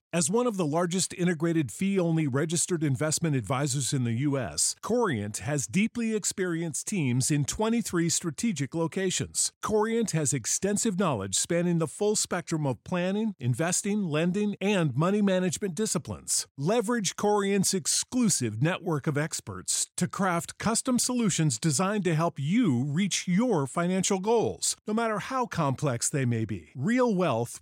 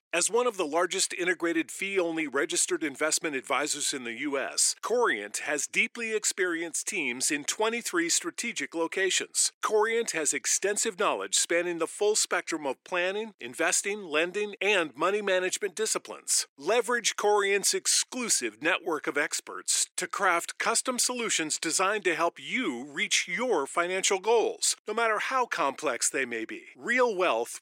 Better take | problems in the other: first | thin; very; fading below 350 Hz

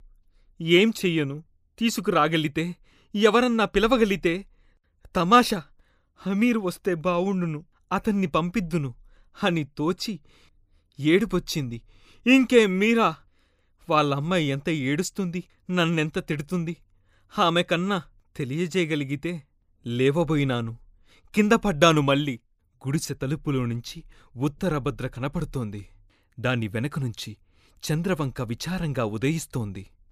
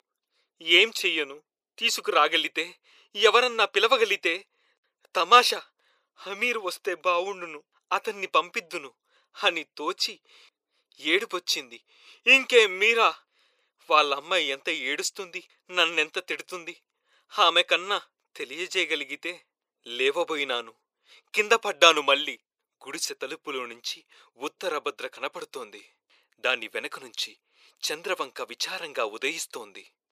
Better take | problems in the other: first | thin; very; fading below 450 Hz

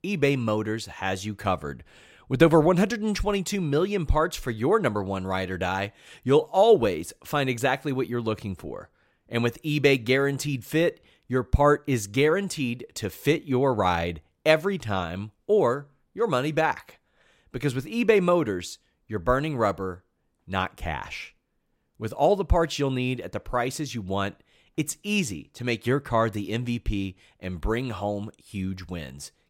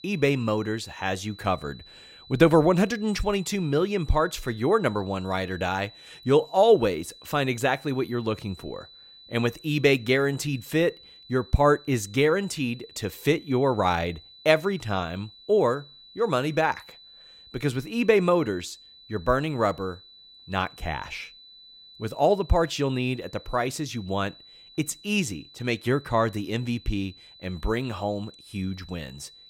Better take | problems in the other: first | high-pitched whine; faint; throughout; 4 kHz, 20 dB below the speech

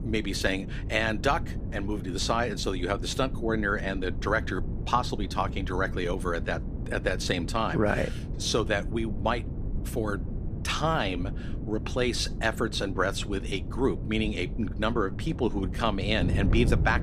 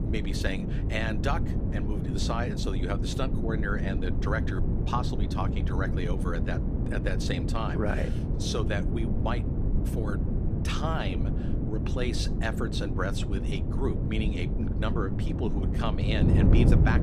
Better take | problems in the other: first | wind noise on the microphone; heavy; 4 dB below the speech; occasional gusts in the first

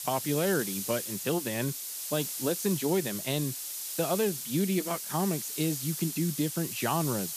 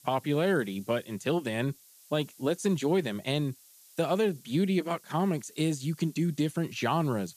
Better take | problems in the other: second | hiss; loud; throughout; 3 dB below the speech; faint in the second

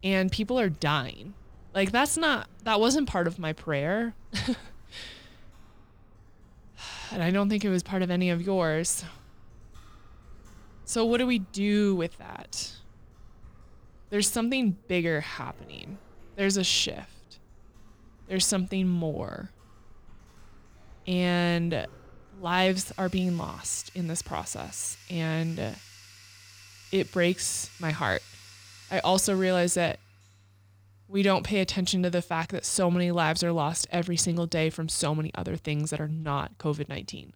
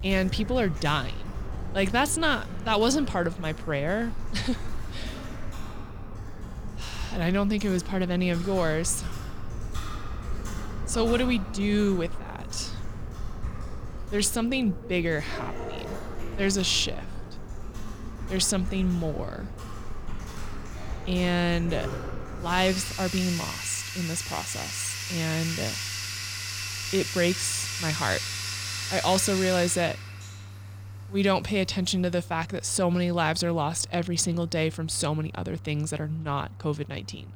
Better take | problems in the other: first | household noises; loud; throughout; 9 dB below the speech; faint in the first

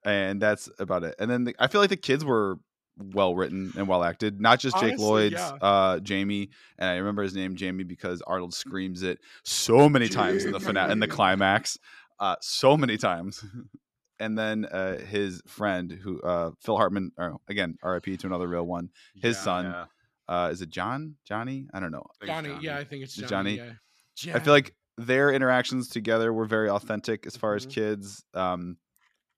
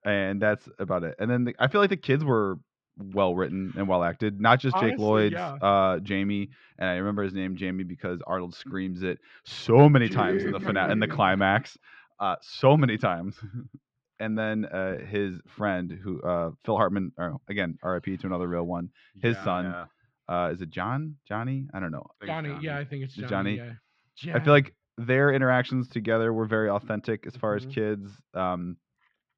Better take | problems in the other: first | muffled; slightly; fading above 3 kHz

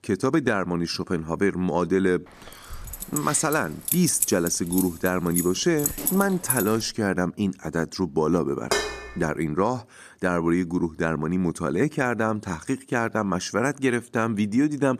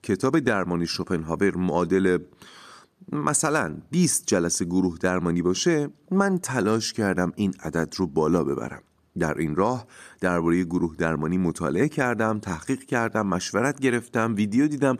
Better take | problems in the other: second | jangling keys; loud; from 2.5 to 6.5 s; peak 1 dB above the speech // clattering dishes; noticeable; at 8.5 s; peak 1 dB below the speech

